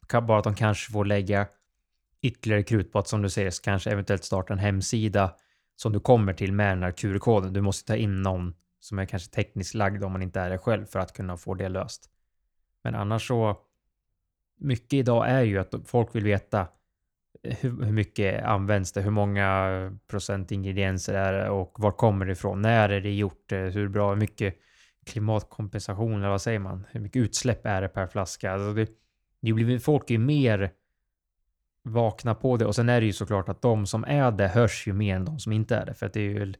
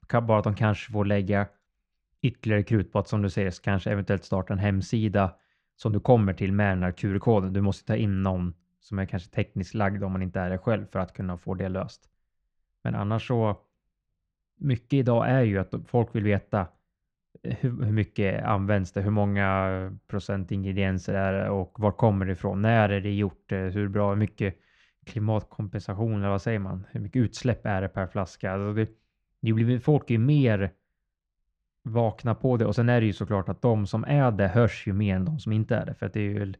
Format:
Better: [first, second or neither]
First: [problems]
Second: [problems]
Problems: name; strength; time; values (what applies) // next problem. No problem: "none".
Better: first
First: none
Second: muffled; slightly; fading above 3.5 kHz